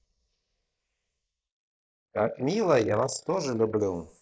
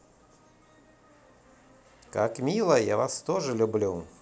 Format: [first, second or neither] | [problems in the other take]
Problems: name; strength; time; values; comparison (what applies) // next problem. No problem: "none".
second | noise reduction (neural mask model Resemble Enhance denoiser)